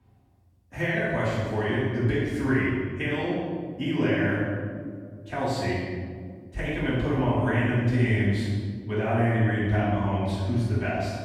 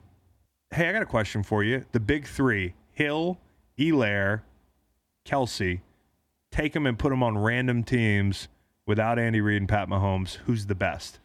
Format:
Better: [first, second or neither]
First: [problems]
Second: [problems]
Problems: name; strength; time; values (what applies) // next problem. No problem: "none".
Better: second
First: off-mic speech; far // room echo; strong; dies away in 1.8 s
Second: none